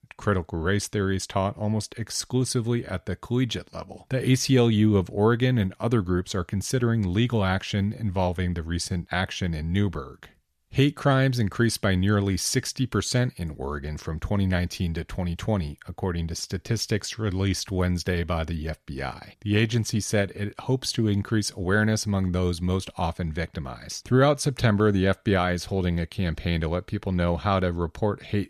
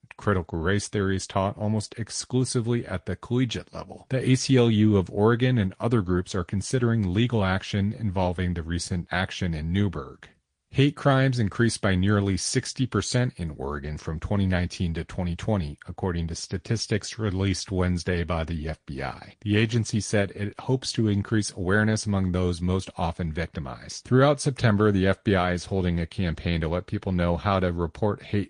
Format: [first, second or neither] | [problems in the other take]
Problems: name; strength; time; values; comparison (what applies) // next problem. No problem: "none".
first | garbled, watery; slightly; nothing above 9.5 kHz